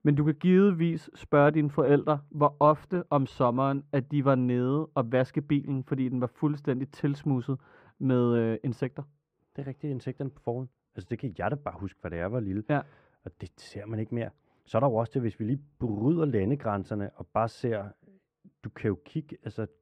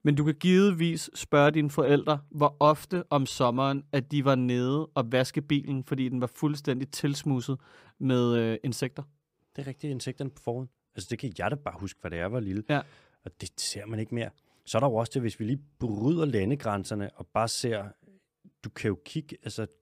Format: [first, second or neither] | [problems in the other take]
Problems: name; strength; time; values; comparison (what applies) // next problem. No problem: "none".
second | muffled; very; fading above 3.5 kHz